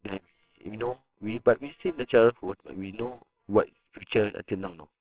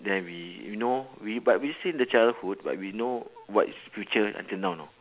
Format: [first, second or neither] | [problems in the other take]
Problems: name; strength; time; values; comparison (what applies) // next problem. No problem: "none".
second | noise reduction (neural separator model SepFormer WHAMR!)